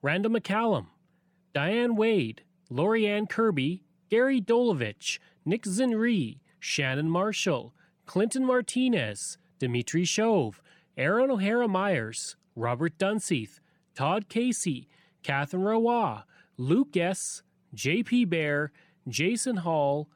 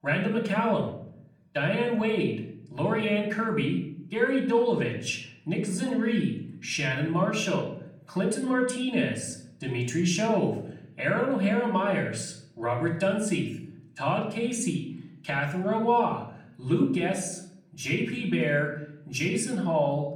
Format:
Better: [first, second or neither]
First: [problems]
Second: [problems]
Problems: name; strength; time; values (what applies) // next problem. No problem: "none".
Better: first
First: none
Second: off-mic speech; far // room echo; slight; dies away in 0.6 s